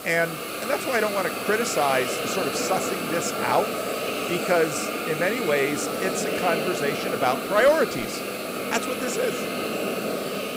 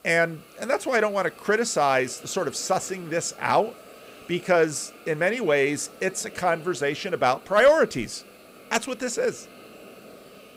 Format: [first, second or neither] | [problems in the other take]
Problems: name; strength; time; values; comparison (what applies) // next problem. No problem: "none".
second | hiss; loud; throughout; 2 dB below the speech; faint in the second